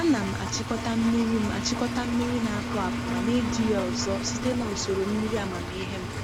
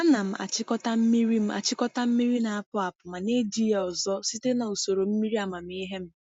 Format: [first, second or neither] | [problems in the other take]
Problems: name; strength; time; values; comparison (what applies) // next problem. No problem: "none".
second | background sound (Engine); 3 dB below the speech